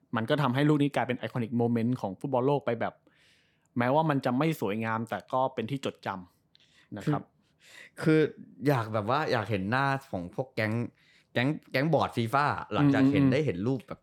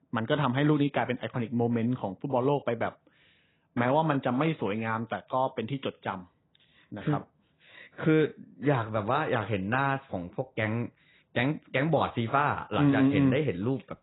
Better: first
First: none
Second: garbled, watery; badly; nothing above 4 kHz

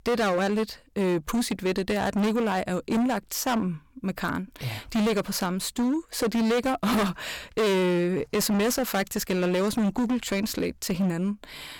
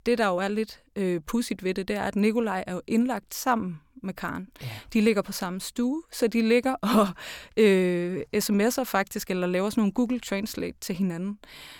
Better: second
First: distortion; heavy; 19% of the sound clipped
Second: none

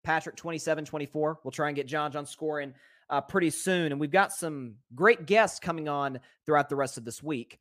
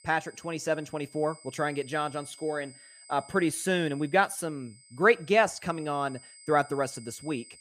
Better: first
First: none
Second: high-pitched whine; faint; throughout; 8 kHz, 20 dB below the speech

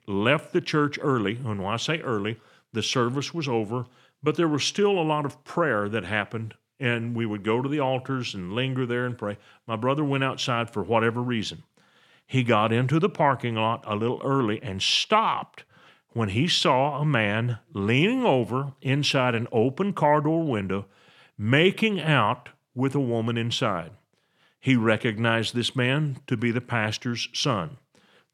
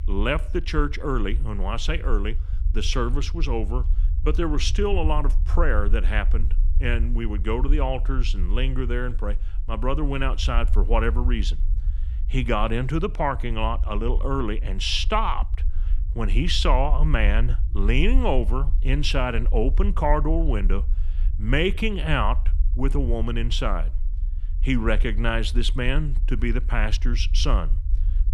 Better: first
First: none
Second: low rumble; faint; throughout; 20 dB below the speech

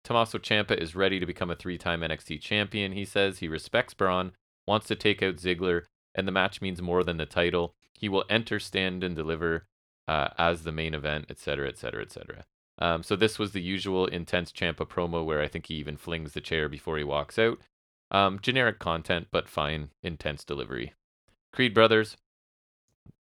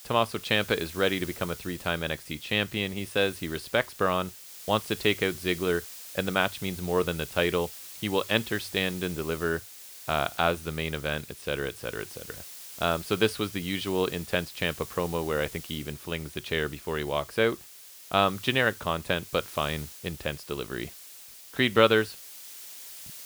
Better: first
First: none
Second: hiss; noticeable; throughout; 15 dB below the speech

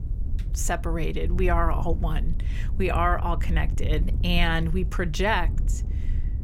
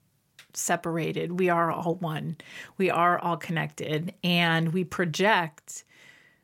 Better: second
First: wind noise on the microphone; occasional gusts; 20 dB below the speech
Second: none

